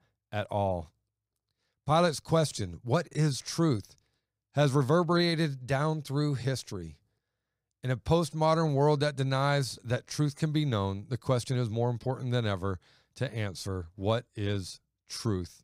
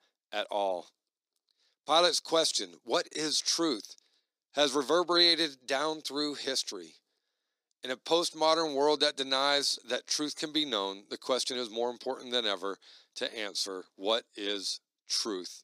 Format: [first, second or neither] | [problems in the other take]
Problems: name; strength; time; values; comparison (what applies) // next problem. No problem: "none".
first | thin; somewhat; fading below 250 Hz